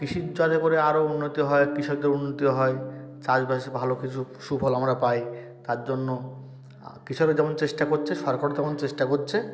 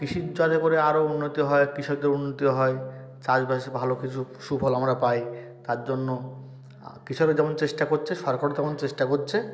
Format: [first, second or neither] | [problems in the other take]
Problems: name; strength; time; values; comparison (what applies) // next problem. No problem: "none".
second | background sound (Bass guitar); 15 dB below the speech